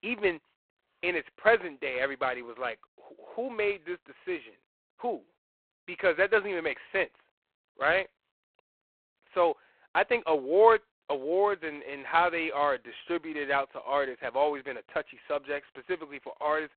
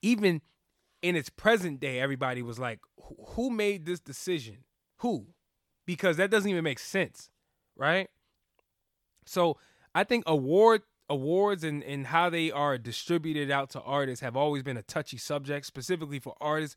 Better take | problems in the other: second | phone-call audio; poor line; nothing above 4 kHz

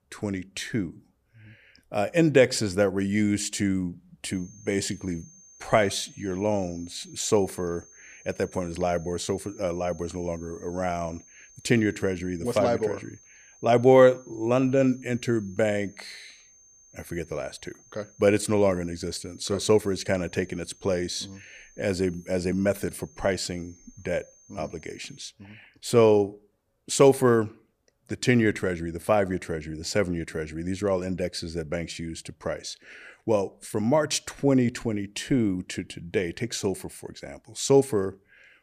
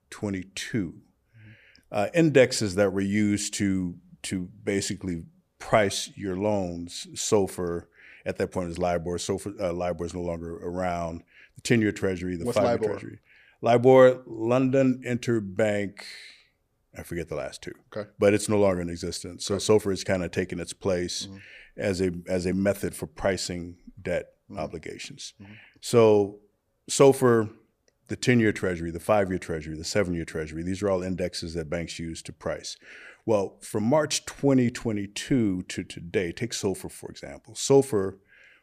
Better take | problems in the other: second | high-pitched whine; faint; from 4.5 to 25 s; 6.5 kHz, 25 dB below the speech

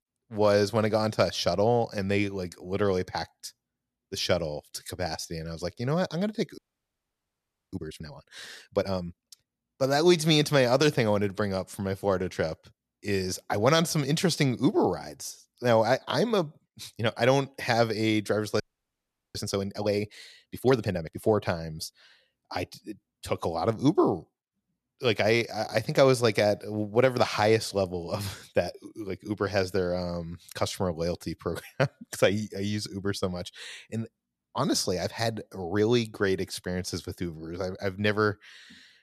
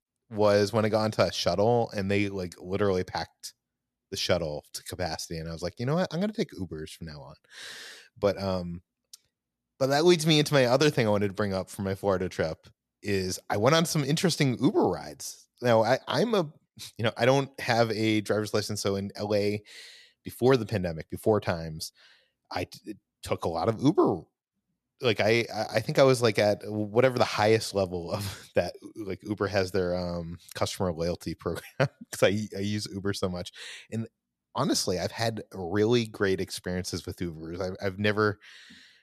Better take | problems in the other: second | audio freezing; at 6.5 s for 1 s and at 19 s for 1 s

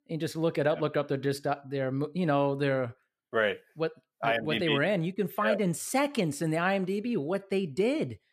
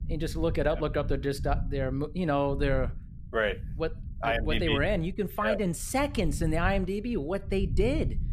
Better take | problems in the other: first | low rumble; faint; throughout; 20 dB below the speech

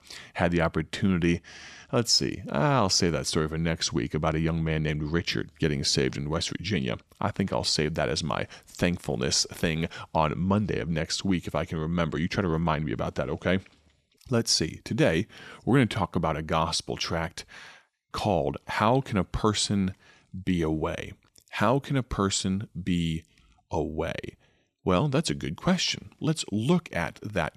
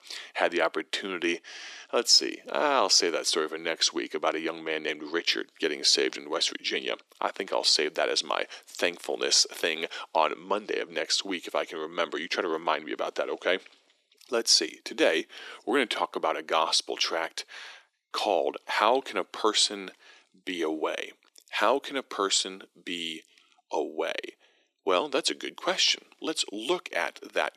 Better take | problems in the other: first | thin; very; fading below 300 Hz

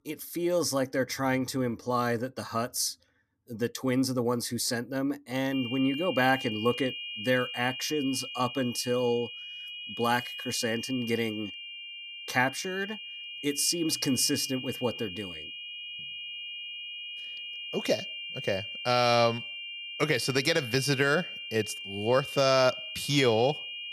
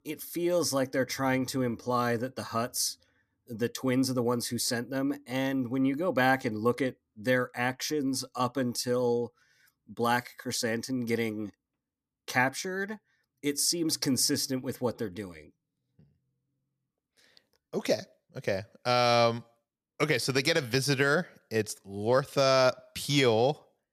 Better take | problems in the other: second | high-pitched whine; loud; from 5.5 s on; 3 kHz, 8 dB below the speech

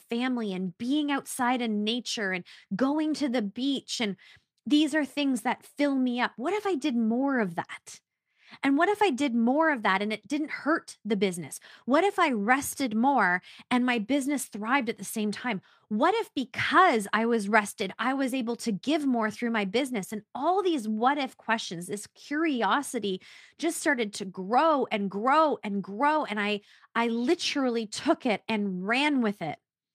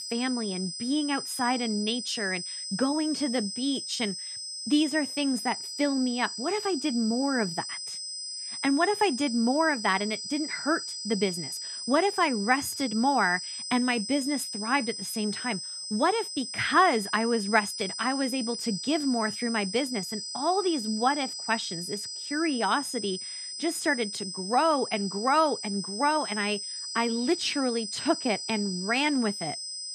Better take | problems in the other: first | high-pitched whine; loud; throughout; 5 kHz, 6 dB below the speech

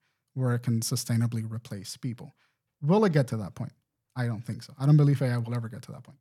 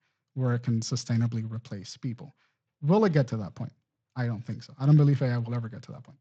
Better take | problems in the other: first | garbled, watery; slightly; nothing above 18.5 kHz

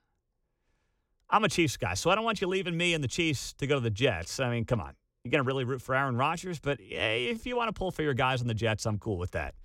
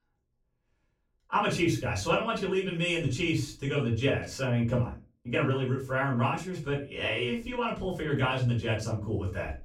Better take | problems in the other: first | off-mic speech; far // room echo; slight; dies away in 0.3 s

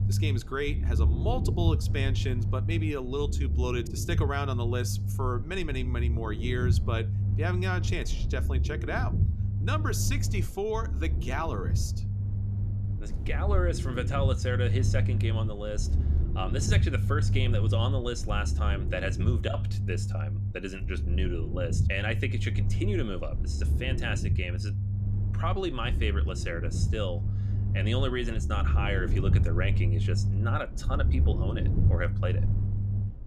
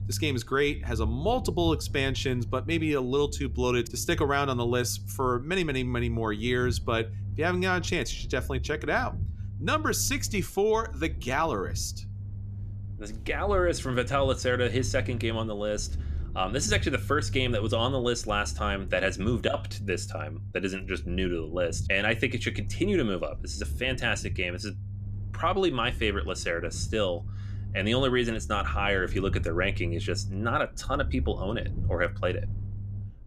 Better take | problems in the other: second | low rumble; loud; throughout; 9 dB below the speech; faint in the second

